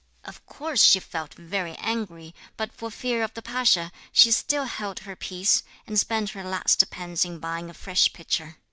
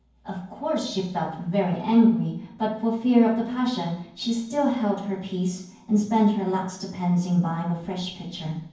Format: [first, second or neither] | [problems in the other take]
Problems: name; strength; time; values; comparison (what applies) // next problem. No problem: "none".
first | room echo; dies away in 0.9 s